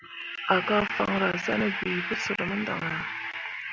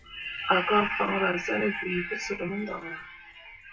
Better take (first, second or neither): first